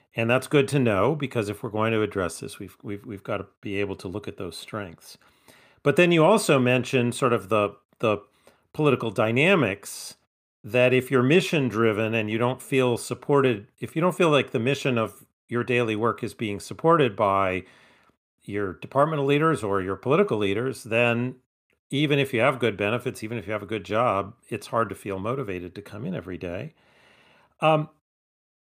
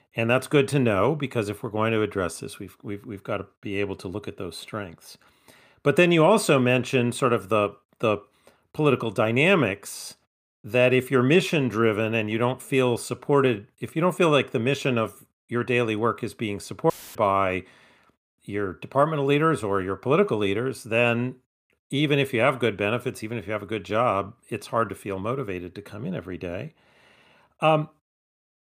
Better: first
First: none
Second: audio cutting out; filled with static; at 17 s

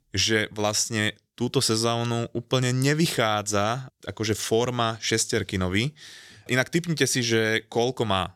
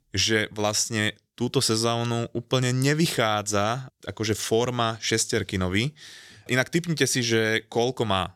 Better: neither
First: none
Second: none

